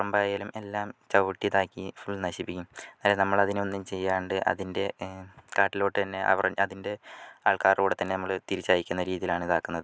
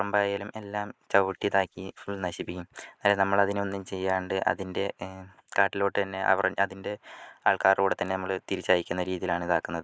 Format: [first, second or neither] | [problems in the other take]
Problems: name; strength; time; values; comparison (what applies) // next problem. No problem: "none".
first | noise reduction (neural mask model Resemble Enhance denoiser)